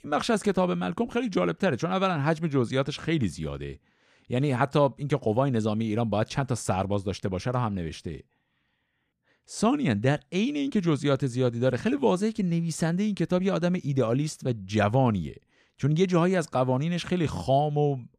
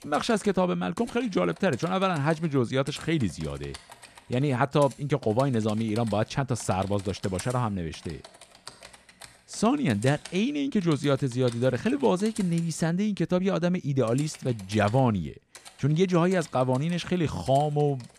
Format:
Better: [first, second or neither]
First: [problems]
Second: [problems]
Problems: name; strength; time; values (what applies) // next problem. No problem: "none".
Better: first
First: none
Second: household noises; noticeable; throughout; 20 dB below the speech